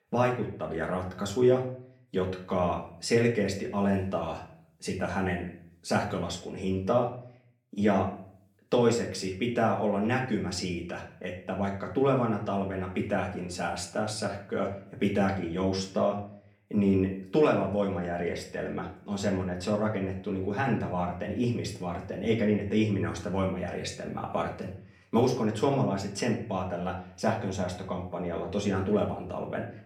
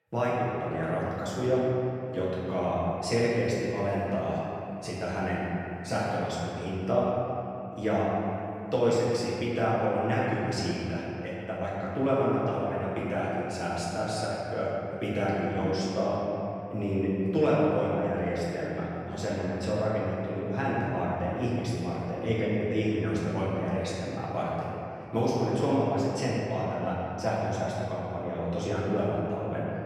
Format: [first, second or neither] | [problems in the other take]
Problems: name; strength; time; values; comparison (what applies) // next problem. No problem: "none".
first | room echo; strong; dies away in 2.7 s; slight in the first // off-mic speech; far; far in the first